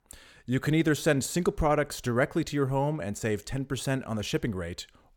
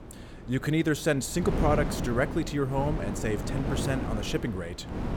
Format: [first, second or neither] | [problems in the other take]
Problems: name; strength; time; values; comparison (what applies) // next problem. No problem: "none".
first | wind noise on the microphone; heavy; 7 dB below the speech